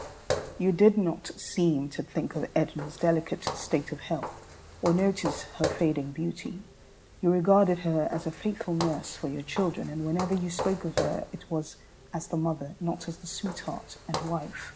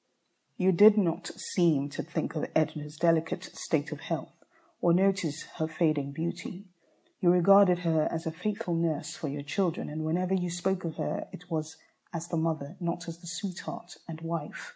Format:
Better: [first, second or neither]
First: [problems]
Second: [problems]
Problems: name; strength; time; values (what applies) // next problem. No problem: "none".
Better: second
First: background sound (Walk, footsteps); 10 dB below the speech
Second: none